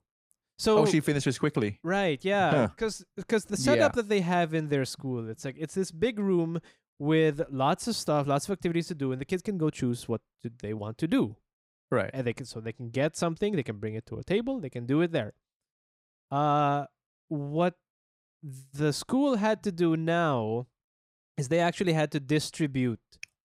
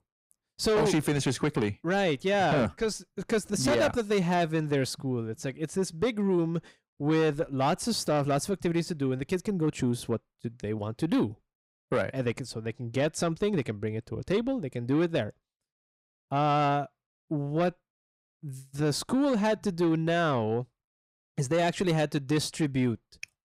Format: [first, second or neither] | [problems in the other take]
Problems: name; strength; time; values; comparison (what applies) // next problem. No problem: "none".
first | distortion; slight; 10 dB below the speech